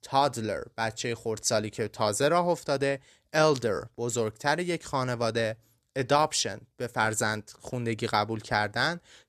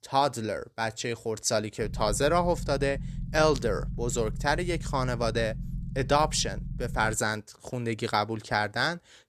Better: first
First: none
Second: low rumble; faint; from 2 to 7 s; 20 dB below the speech

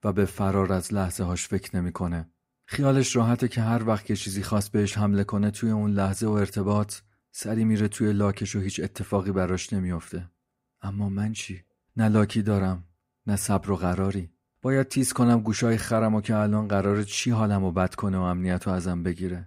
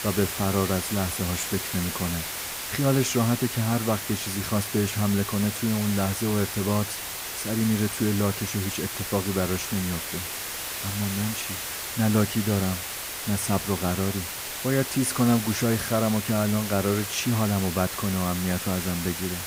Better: first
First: none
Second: hiss; loud; throughout; 4 dB below the speech

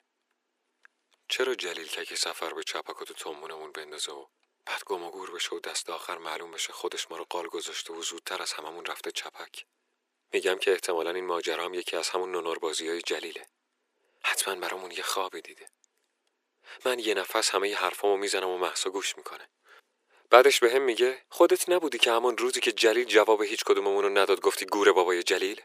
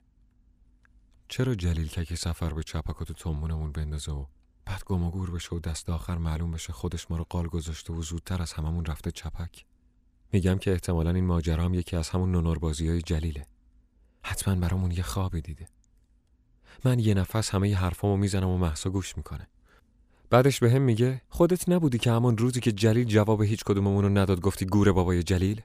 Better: second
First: thin; very; fading below 350 Hz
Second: none

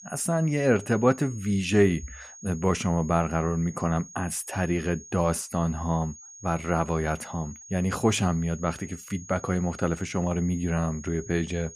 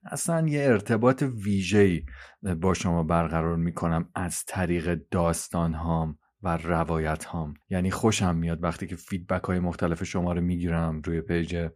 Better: second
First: high-pitched whine; noticeable; throughout; 6.5 kHz, 15 dB below the speech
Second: none

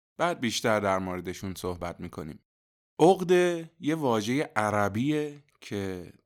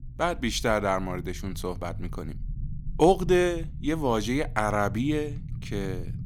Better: first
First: none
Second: low rumble; faint; throughout; 25 dB below the speech

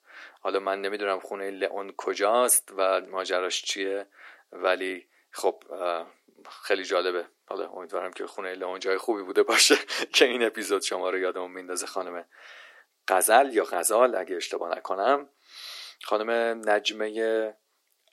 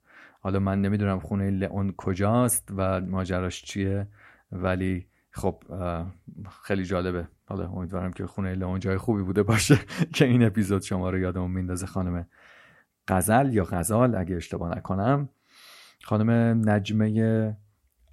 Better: second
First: thin; very; fading below 350 Hz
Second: none

